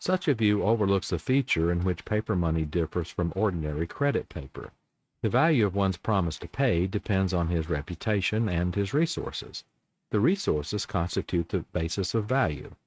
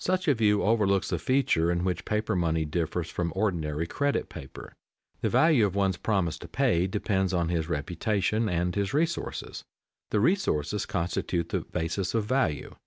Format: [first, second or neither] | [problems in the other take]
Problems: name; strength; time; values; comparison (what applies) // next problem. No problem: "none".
second | noise reduction (neural mask model RNNoise)